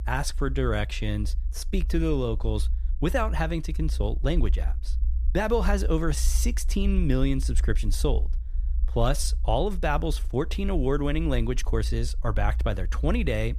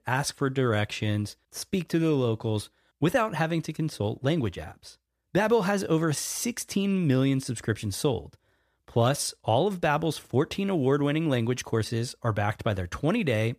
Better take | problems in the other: second | low rumble; faint; throughout; 20 dB below the speech

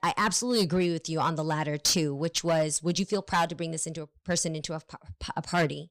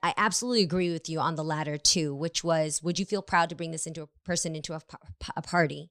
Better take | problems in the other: second | distortion; slight; 4% of the sound clipped

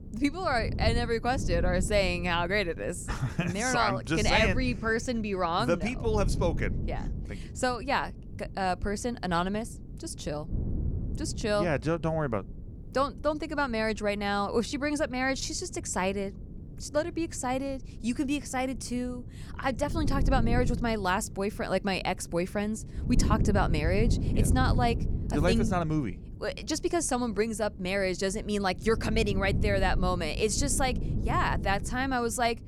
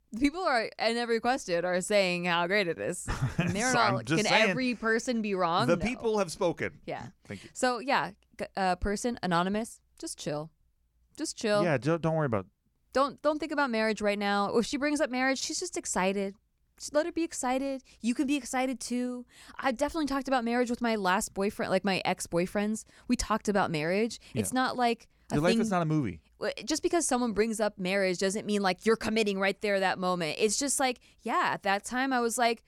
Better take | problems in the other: second | wind noise on the microphone; occasional gusts; 15 dB below the speech

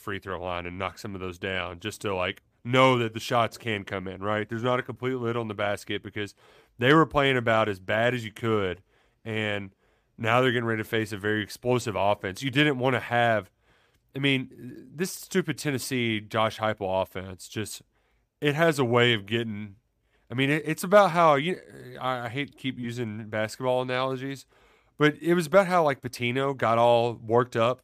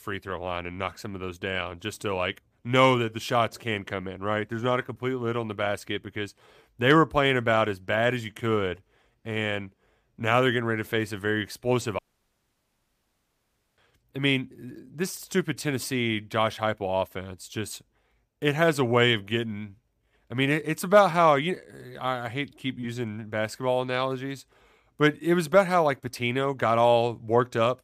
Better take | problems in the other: first | audio cutting out; at 12 s for 2 s

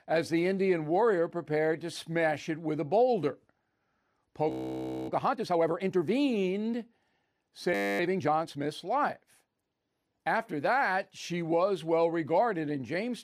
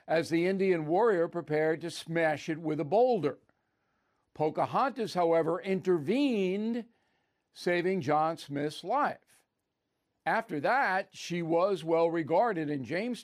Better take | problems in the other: second | audio freezing; at 4.5 s for 0.5 s and at 7.5 s

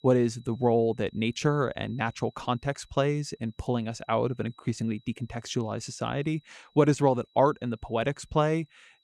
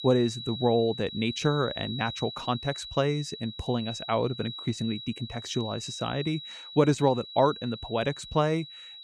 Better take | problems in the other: first | high-pitched whine; loud; throughout; 4 kHz, 10 dB below the speech; faint in the first

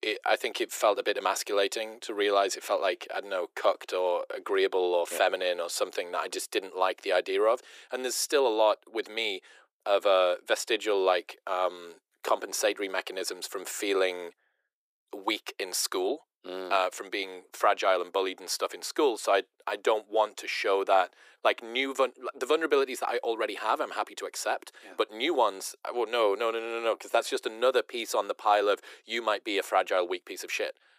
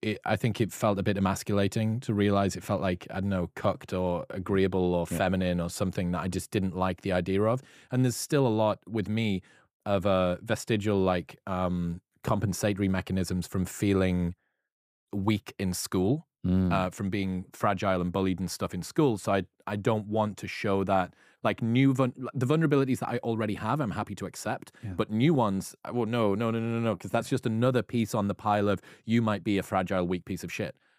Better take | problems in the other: second | thin; very; fading below 350 Hz

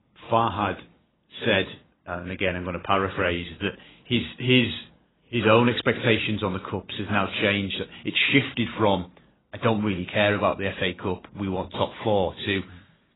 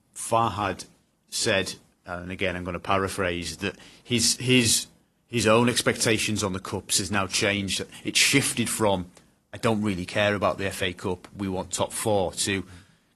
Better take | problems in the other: second | garbled, watery; badly; nothing above 4 kHz; slightly in the second

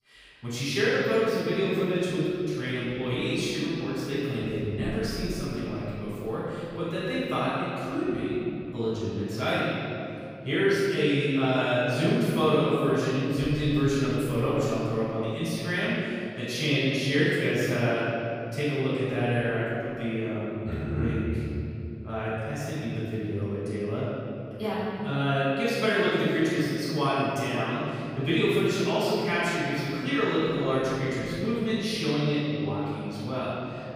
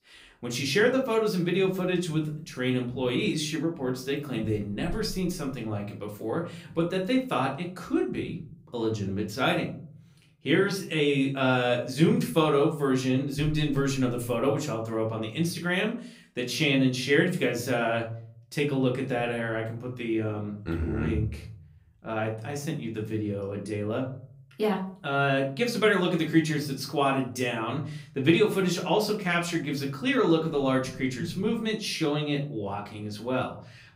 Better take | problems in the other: second | room echo; strong; dies away in 2.9 s; slight in the second // off-mic speech; far; far in the second

